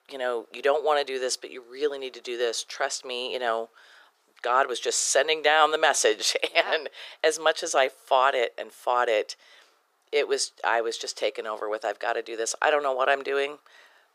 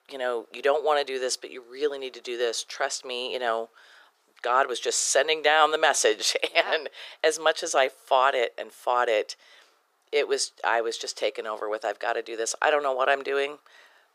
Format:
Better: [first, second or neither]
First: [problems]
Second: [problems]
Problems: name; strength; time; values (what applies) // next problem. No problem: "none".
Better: neither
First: thin; very; fading below 400 Hz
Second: thin; very; fading below 400 Hz